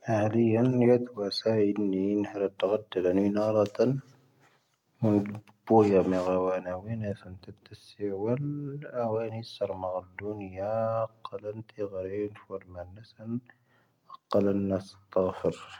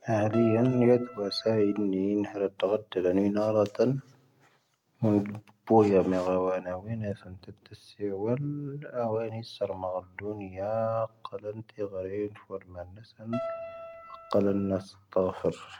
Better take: first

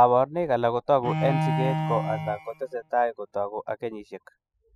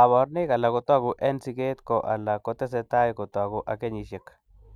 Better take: second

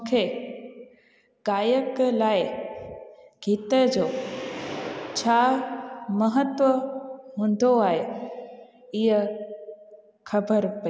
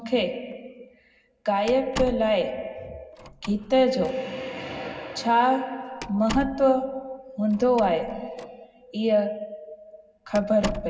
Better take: first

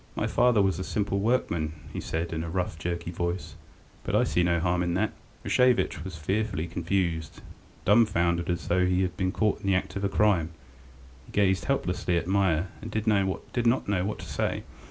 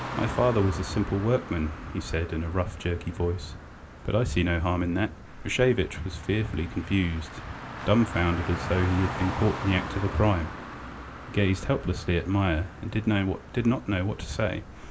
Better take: first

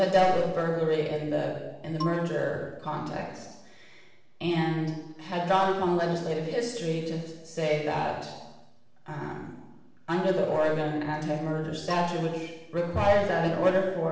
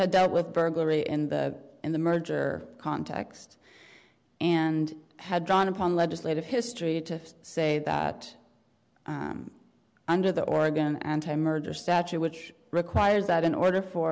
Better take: second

